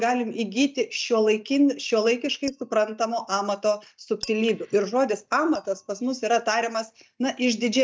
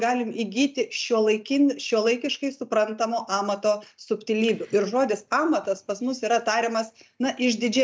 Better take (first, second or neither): second